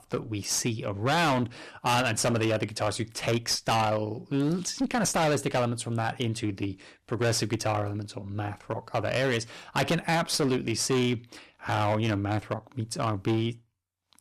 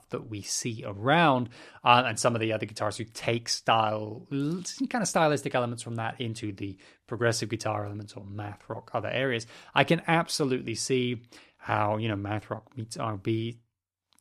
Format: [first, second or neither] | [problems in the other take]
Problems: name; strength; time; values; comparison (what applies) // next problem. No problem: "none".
second | distortion; heavy; 14% of the sound clipped